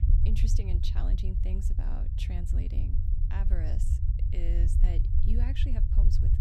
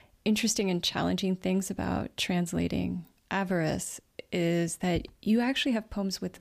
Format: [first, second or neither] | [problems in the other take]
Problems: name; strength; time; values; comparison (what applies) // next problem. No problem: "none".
second | low rumble; loud; throughout; 1 dB below the speech